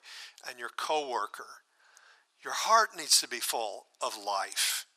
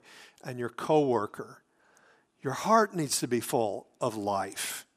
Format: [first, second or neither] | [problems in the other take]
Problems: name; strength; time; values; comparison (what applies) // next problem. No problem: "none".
second | thin; very; fading below 1 kHz